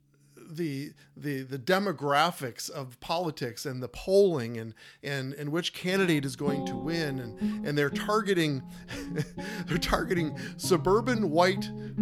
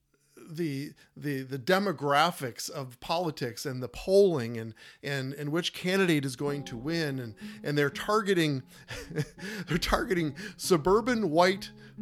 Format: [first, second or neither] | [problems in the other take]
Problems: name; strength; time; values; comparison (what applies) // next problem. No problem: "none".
second | background music; loud; throughout; 9 dB below the speech; faint in the second